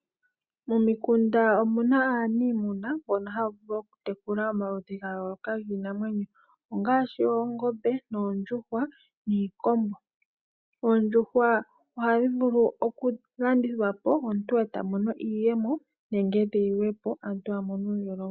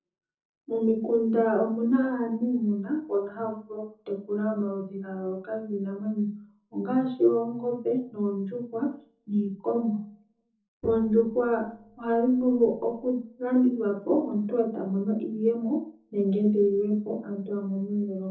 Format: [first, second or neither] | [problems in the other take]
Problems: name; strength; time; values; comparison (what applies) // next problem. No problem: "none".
first | noise reduction (neural separator model SepFormer DNS4)